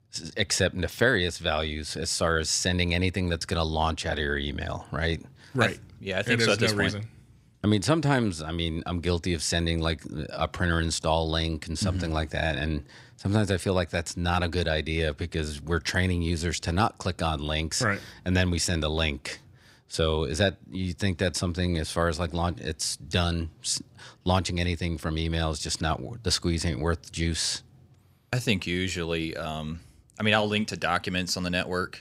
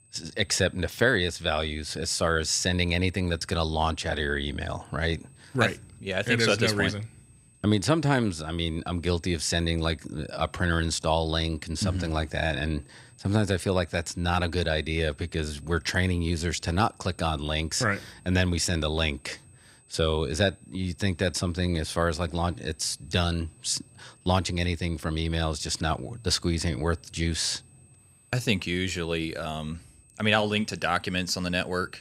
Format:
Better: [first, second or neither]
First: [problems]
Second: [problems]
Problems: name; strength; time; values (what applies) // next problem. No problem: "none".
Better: first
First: none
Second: high-pitched whine; faint; throughout; 8.5 kHz, 30 dB below the speech